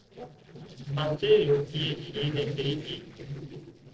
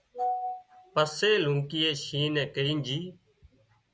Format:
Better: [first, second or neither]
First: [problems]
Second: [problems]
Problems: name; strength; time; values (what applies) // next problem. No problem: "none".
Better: second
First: noise reduction (neural separator model SepFormer DNS4)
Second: none